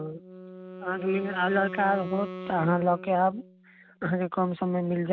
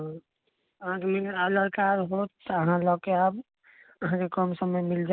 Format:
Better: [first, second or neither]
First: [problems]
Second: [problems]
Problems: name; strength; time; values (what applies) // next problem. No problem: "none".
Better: second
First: background sound (Wind instrument, woodwind instrument); 13 dB below the speech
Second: none